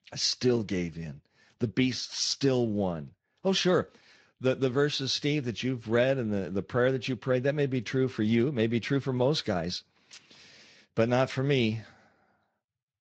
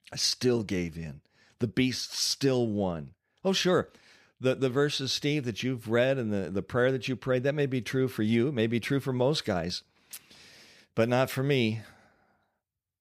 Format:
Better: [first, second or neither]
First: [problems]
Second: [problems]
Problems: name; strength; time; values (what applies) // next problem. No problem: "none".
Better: second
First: garbled, watery; slightly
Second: none